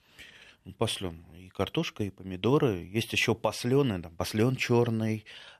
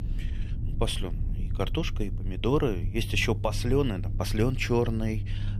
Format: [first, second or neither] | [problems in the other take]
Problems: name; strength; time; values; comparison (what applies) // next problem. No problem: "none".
first | low rumble; noticeable; throughout; 15 dB below the speech